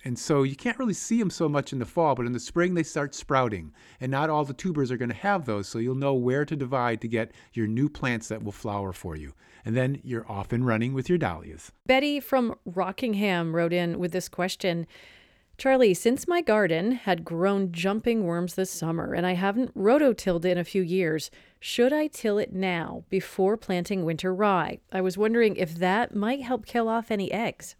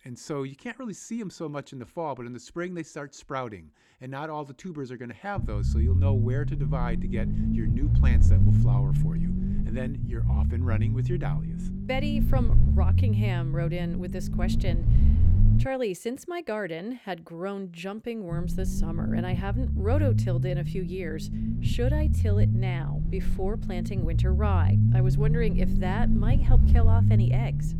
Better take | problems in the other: first | low rumble; loud; from 5.5 to 16 s and from 18 s on; 3 dB below the speech

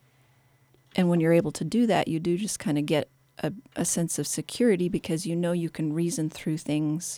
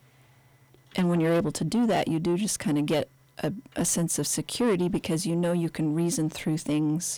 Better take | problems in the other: first | distortion; slight; 10 dB below the speech

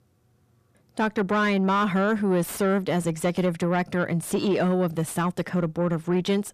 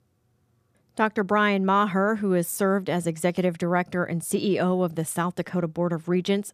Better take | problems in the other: second | distortion; slight; 10 dB below the speech

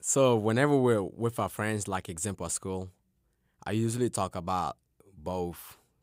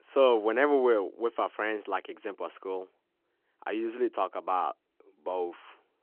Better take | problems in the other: first | phone-call audio

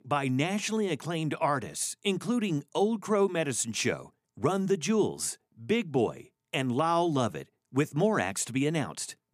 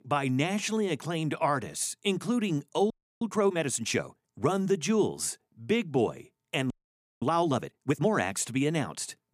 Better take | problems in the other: first | audio freezing; at 3 s and at 6.5 s for 0.5 s

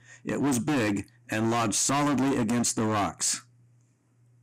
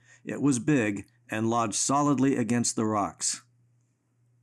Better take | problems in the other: second | distortion; heavy; 23% of the sound clipped

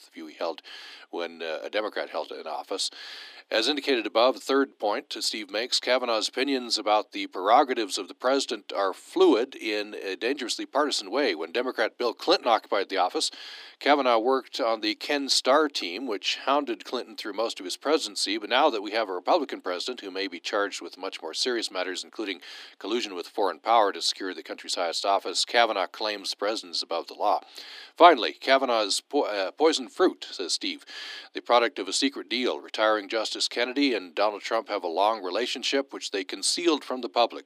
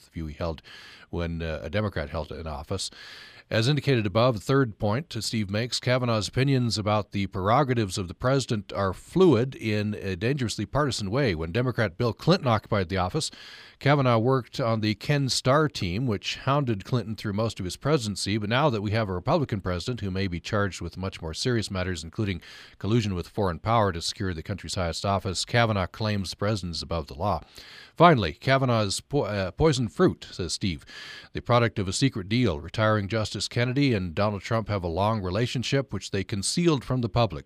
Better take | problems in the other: second | thin; somewhat; fading below 300 Hz

